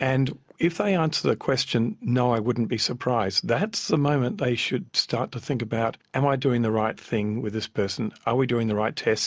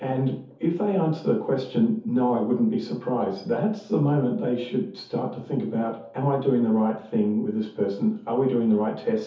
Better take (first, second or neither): first